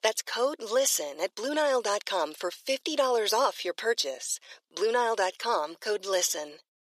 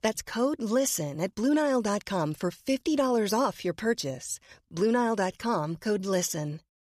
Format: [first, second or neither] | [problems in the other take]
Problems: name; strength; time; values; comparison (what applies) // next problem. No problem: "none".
second | thin; very; fading below 400 Hz